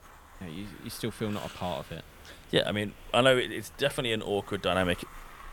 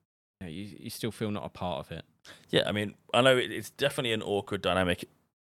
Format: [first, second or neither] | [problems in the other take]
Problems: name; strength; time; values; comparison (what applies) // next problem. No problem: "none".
second | hiss; faint; throughout; 20 dB below the speech